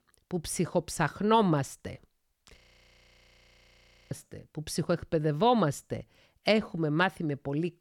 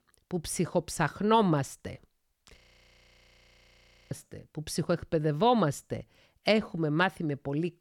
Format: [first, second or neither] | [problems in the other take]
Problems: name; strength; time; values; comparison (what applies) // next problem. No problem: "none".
neither | audio freezing; at 2.5 s for 1.5 s; the same in both